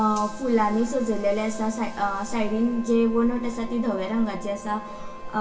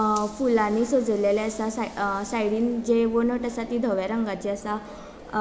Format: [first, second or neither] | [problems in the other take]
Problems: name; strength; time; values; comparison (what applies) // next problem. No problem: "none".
second | background sound (Wind instrument, woodwind instrument); 19 dB below the speech // room echo; dies away in 0.2 s